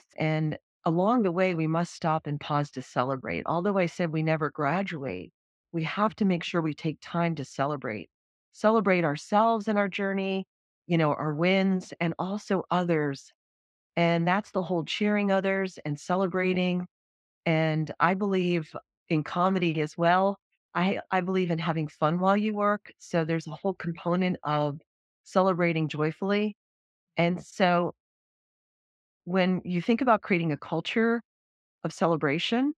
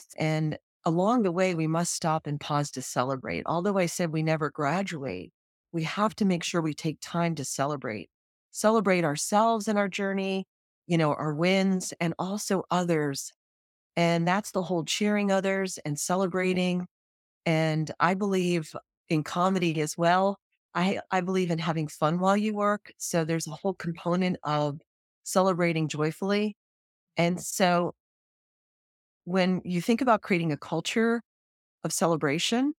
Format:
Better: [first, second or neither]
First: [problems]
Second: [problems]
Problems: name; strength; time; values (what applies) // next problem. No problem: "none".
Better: second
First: muffled; slightly; fading above 3 kHz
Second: none